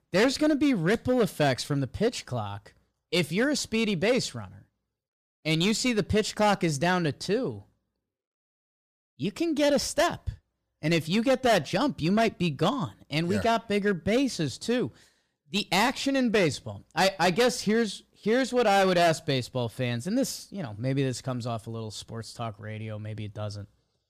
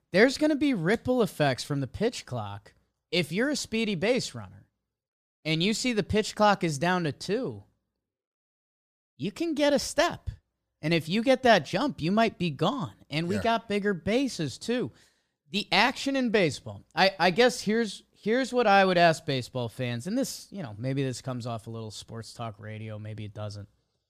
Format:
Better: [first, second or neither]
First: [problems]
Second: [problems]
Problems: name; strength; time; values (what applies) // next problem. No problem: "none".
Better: second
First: distortion; slight; 4% of the sound clipped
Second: none